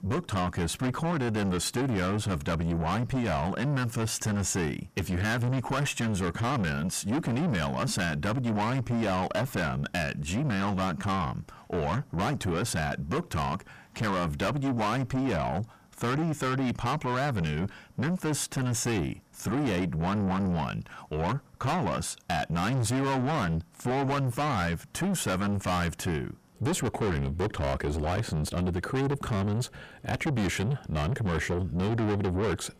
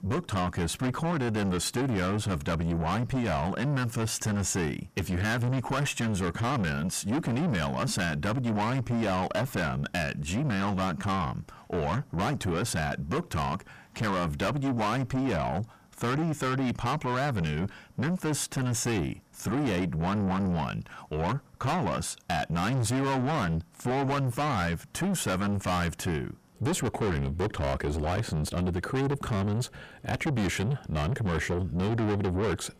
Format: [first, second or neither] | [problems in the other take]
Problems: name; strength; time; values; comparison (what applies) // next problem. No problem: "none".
neither | distortion; heavy; 5 dB below the speech; the same in both